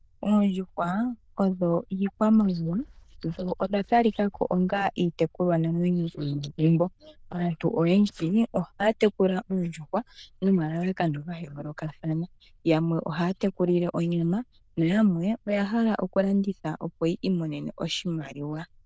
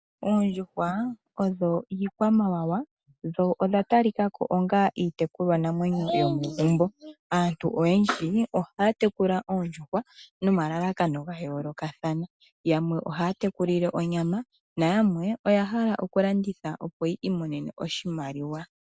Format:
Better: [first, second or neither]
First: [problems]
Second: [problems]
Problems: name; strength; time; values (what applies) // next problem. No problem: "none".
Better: second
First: noise reduction (neural diffusion model UNIVERSE++)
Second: none